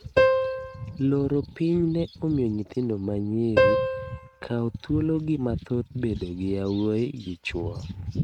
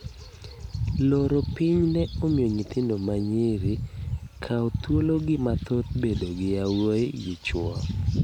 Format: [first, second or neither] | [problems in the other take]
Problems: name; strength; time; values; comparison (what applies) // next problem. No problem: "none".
second | noise reduction (neural mask model RNNoise)